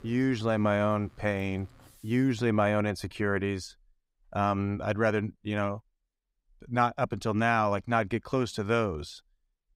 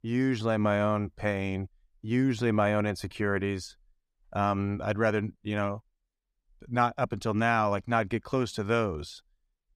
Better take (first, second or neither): second